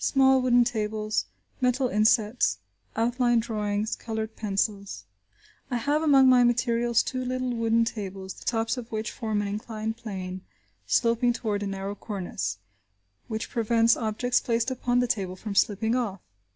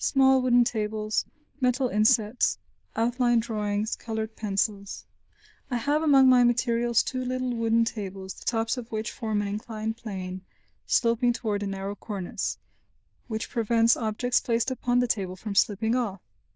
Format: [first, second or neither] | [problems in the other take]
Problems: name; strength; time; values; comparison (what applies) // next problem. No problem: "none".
first | noise reduction (neural diffusion model UNIVERSE++)